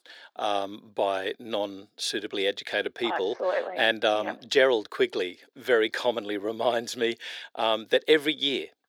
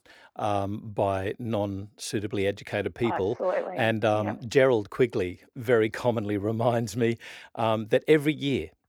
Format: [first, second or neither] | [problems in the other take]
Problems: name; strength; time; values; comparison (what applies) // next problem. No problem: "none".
second | thin; somewhat; fading below 400 Hz